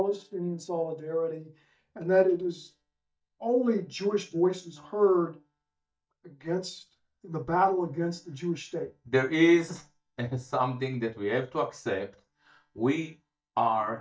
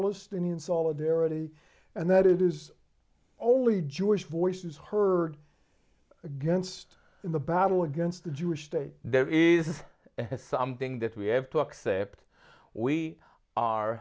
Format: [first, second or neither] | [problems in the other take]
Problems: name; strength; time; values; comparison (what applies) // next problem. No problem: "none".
second | noise reduction (neural mask model DeepFilterNet 3)